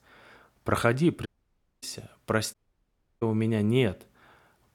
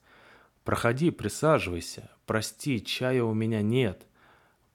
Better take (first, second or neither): second